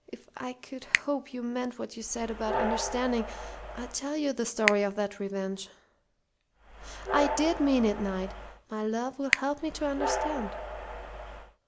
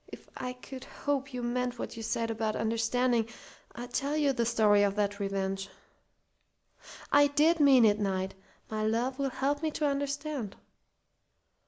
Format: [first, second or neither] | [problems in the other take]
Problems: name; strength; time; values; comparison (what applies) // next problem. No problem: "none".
second | background sound (Train + Finger snapping); 3 dB below the speech